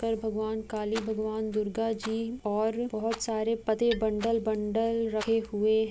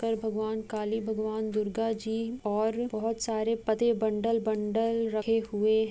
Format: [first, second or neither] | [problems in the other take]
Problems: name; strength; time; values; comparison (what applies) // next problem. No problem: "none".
second | background sound (Rattle + Hammer); 18 dB below the speech